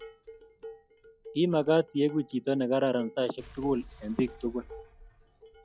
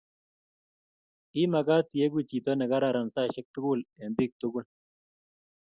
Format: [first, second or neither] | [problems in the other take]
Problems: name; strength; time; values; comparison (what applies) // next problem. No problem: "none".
second | noise reduction (classical method log-MMSE)